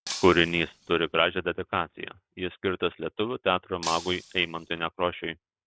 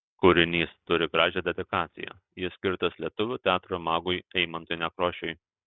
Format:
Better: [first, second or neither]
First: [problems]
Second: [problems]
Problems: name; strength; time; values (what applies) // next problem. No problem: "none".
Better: second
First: background sound (Shatter); 13 dB below the speech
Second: none